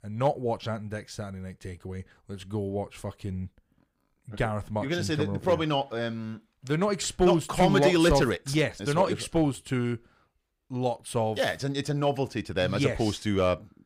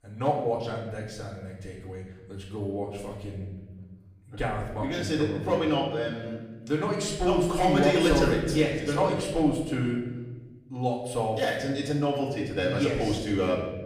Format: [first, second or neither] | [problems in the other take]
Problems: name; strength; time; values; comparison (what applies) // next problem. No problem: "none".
first | off-mic speech; far // room echo; noticeable; dies away in 1 s